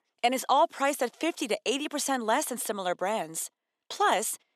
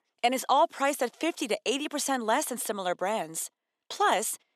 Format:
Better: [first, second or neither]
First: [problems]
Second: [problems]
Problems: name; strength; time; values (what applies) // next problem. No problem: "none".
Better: neither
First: thin; very slightly; fading below 350 Hz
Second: thin; very slightly; fading below 350 Hz